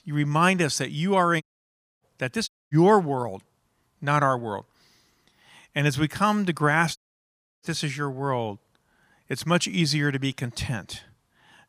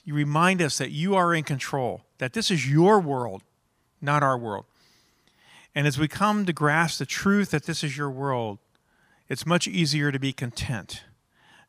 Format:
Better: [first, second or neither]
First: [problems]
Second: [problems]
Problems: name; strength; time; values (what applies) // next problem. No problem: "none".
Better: second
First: audio cutting out; at 1.5 s for 0.5 s, at 2.5 s and at 7 s for 0.5 s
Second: none